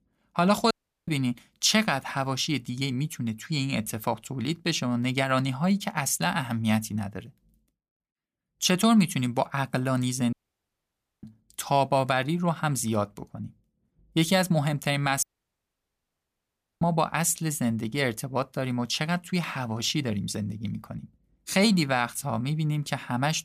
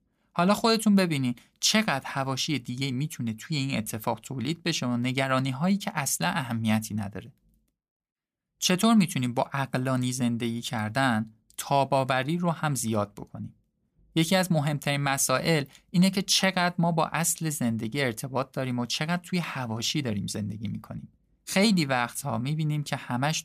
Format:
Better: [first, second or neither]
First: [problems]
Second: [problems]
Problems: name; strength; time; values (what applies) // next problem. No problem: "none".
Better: second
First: audio cutting out; at 0.5 s, at 10 s for 1 s and at 15 s for 1.5 s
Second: none